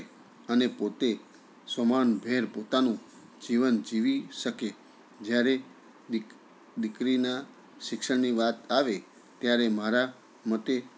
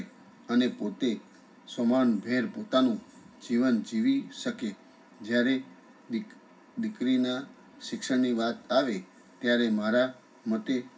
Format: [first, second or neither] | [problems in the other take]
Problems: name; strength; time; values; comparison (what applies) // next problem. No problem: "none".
first | room echo; dies away in 0.4 s